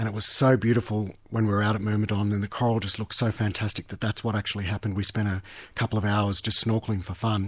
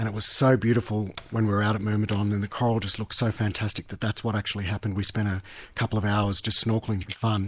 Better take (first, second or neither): first